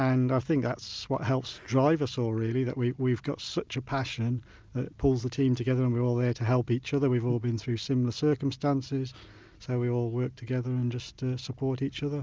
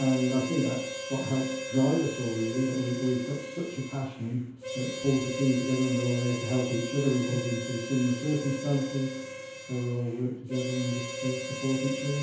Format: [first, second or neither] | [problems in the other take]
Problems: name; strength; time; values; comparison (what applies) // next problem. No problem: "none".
first | background sound (Harmonica); 8 dB below the speech // room echo; dies away in 0.7 s